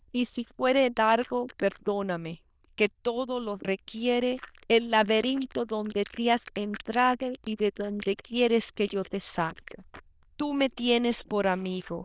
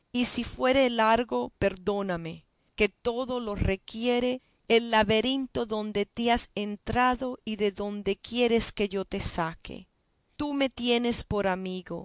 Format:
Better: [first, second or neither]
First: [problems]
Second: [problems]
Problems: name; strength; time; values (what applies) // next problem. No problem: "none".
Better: second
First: noise reduction (neural diffusion model UNIVERSE++)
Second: none